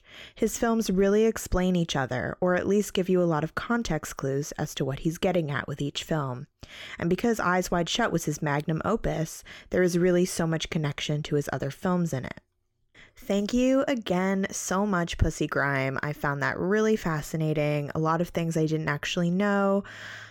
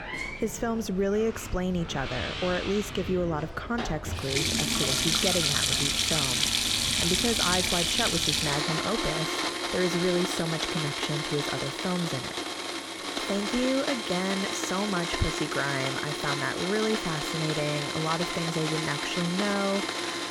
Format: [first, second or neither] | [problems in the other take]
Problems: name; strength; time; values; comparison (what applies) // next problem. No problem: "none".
first | household noises; very loud; throughout; 3 dB above the speech